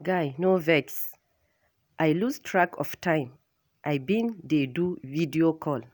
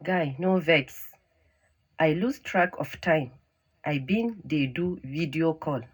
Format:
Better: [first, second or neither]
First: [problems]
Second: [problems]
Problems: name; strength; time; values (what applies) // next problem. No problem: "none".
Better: first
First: none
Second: room echo; dies away in 0.3 s